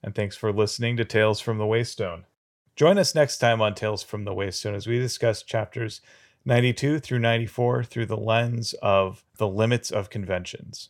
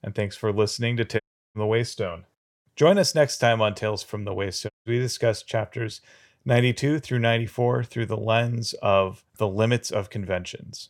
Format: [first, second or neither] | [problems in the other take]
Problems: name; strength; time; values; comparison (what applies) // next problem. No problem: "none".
first | audio cutting out; at 1 s and at 4.5 s